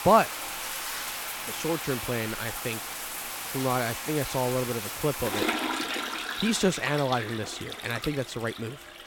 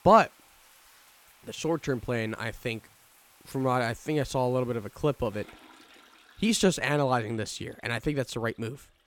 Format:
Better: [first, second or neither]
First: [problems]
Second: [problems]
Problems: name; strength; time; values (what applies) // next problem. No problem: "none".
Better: second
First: household noises; loud; throughout; 3 dB below the speech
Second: household noises; faint; throughout; 25 dB below the speech